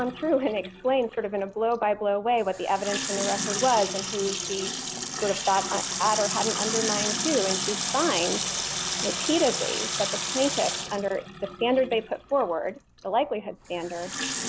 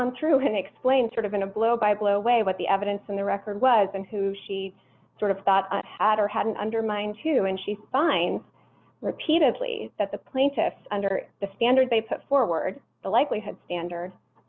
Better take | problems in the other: second | background sound (Sink (filling or washing) / Water tap, faucet); 4 dB below the speech

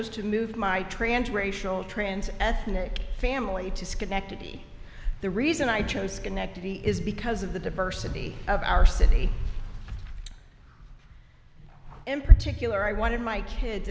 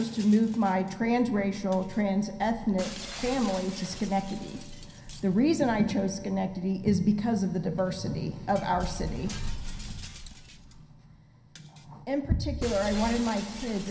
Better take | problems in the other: first | background sound (Shatter); 18 dB below the speech // room echo; dies away in 0.3 s

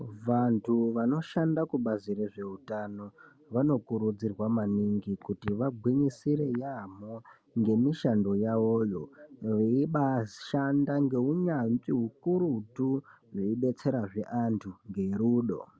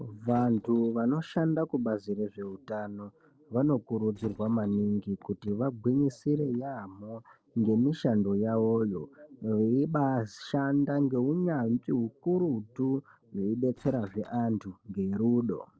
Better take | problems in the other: first | noise reduction (neural separator model SepFormer DNS4)

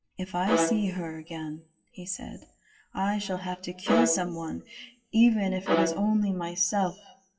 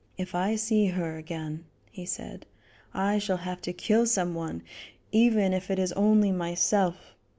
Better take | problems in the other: second | noise reduction (classical method WPE with log-MMSE)

